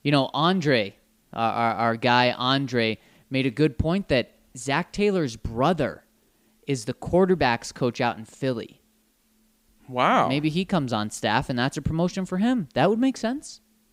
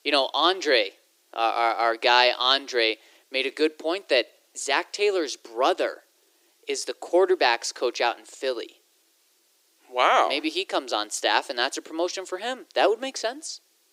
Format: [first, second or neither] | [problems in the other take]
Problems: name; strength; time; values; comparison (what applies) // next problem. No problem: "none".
first | thin; very; fading below 350 Hz